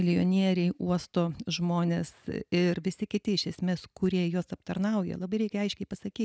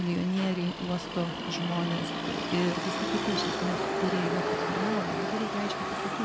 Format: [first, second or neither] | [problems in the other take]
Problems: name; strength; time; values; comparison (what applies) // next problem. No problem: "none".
first | background sound (Motor vehicle (road)); as loud as the speech